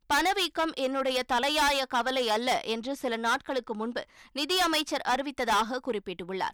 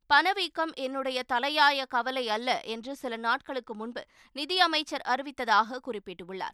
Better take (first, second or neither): second